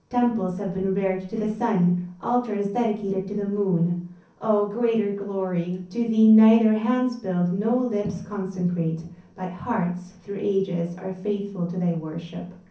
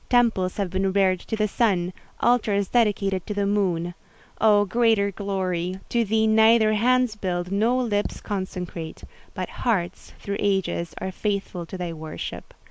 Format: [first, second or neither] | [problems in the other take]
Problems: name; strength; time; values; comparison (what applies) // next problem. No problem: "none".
second | room echo; dies away in 0.6 s